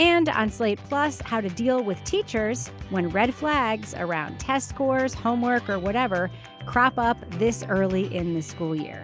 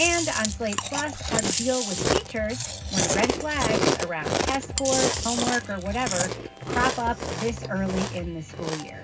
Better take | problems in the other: first | background sound (Chewing, mastication); as loud as the speech // room echo; dies away in 0.4 s

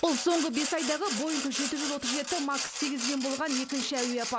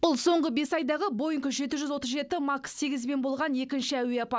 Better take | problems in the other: second | background sound (Sawing); 5 dB below the speech

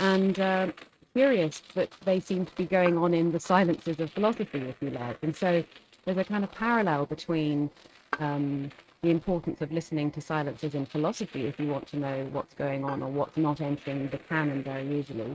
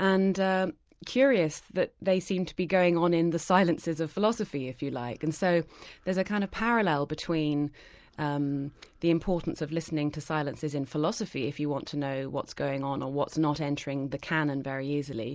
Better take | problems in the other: second | noise reduction (neural mask model RNNoise)

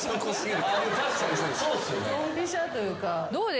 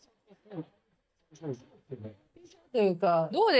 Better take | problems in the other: first | noise reduction (neural mask model DeepFilterNet 3)

